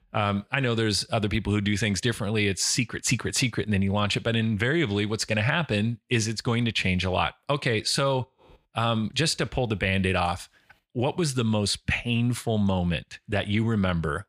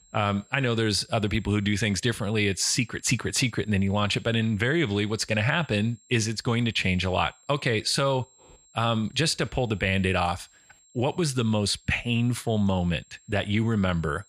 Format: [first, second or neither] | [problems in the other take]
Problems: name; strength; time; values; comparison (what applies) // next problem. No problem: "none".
first | high-pitched whine; faint; throughout; 7.5 kHz, 30 dB below the speech